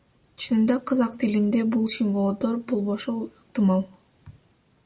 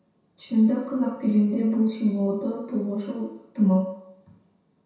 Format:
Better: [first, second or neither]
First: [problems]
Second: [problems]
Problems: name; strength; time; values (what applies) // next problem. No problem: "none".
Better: first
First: none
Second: room echo; dies away in 0.7 s